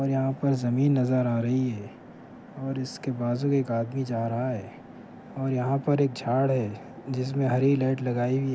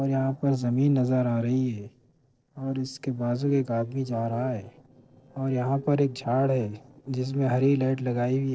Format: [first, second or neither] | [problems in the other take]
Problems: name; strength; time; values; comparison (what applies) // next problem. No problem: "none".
first | noise reduction (neural separator model SepFormer DNS4)